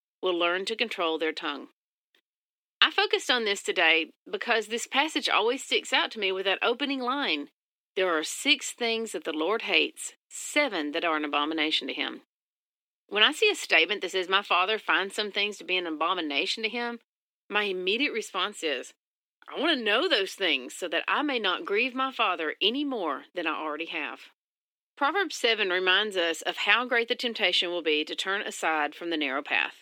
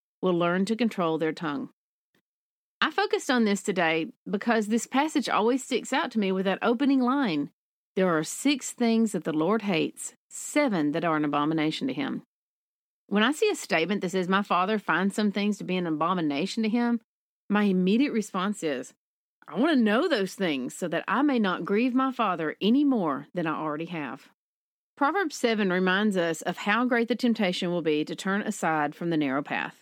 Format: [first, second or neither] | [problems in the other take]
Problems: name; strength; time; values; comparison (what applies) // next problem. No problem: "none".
second | thin; somewhat; fading below 350 Hz